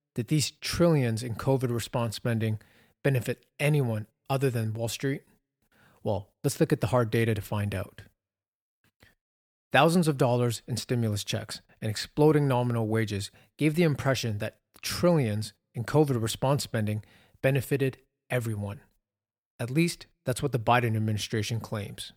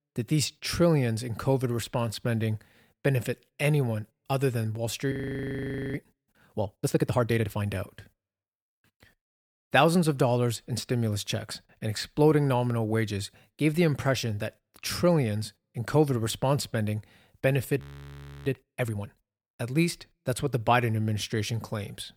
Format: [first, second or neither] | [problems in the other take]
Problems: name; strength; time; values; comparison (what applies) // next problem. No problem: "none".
first | audio freezing; at 5 s for 1 s and at 18 s for 0.5 s